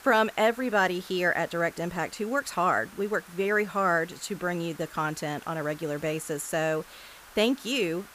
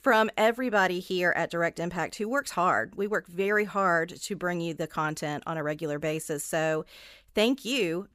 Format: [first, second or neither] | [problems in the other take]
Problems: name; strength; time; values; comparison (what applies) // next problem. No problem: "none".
second | hiss; faint; throughout; 20 dB below the speech